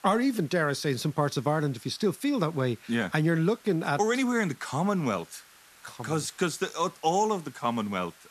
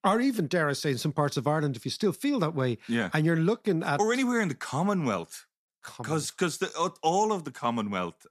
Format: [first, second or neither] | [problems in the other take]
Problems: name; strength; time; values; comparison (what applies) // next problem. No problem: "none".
second | hiss; faint; throughout; 25 dB below the speech